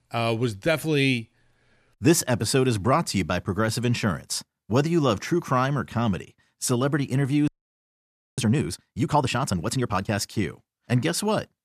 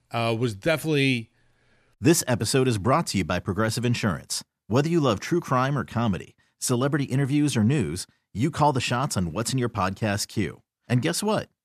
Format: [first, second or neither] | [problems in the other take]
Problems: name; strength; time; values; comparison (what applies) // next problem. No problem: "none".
second | audio freezing; at 7.5 s for 1 s